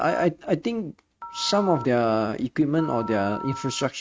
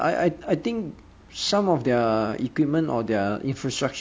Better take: second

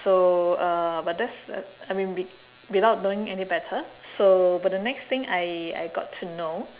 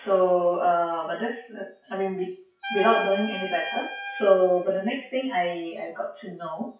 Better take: first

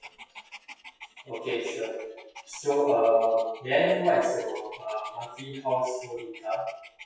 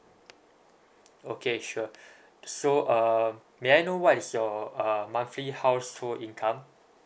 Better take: second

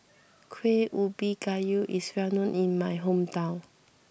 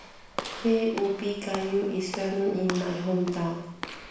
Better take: first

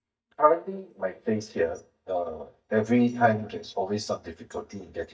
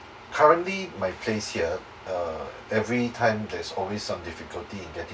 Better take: second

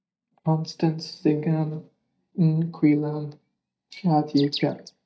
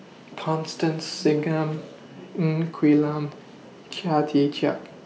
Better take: second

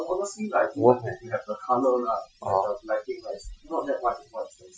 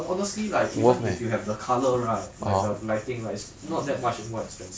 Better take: second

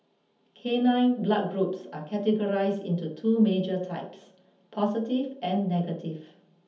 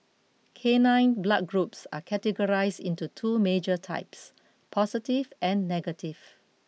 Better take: second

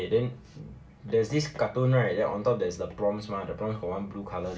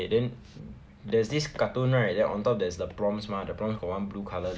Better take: second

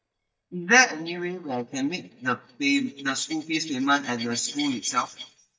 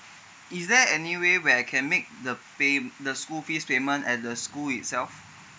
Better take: second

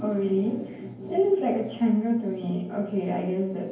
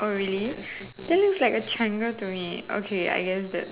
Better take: second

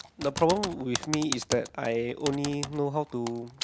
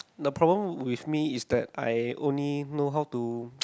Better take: second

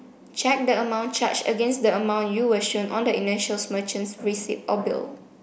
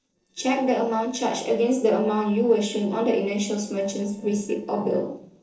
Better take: first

